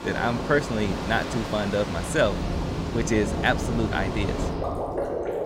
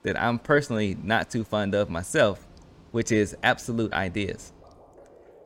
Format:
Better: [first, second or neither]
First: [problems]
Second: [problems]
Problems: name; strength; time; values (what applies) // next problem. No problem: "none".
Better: second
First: rain or running water; loud; throughout; 3 dB below the speech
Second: rain or running water; faint; throughout; 25 dB below the speech